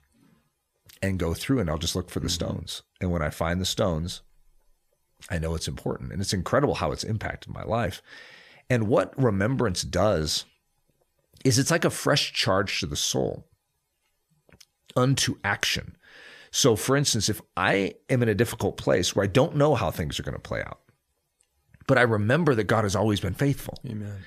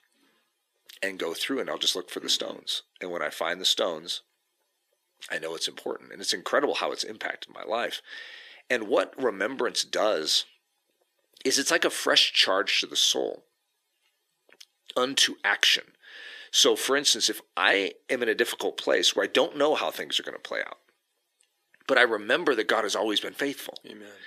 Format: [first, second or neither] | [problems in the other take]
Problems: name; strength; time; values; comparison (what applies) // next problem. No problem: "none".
first | thin; somewhat; fading below 350 Hz